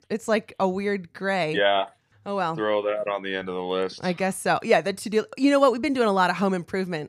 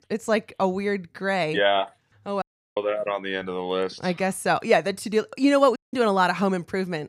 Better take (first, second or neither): first